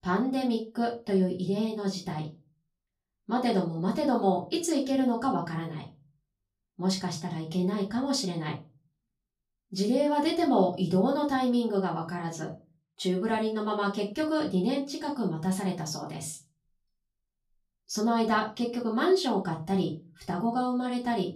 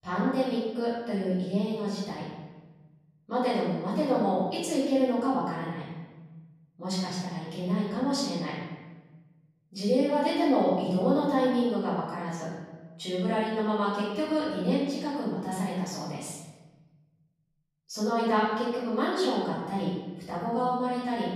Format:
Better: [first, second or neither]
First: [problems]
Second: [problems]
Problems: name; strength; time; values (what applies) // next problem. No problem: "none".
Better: first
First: room echo; slight; dies away in 0.3 s // off-mic speech; far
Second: room echo; strong; dies away in 1.2 s // off-mic speech; far